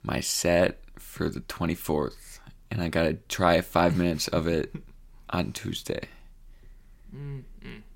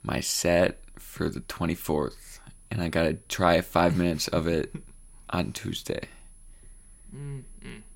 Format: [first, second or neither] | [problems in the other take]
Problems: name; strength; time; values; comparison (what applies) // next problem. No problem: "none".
first | high-pitched whine; faint; throughout; 10 kHz, 30 dB below the speech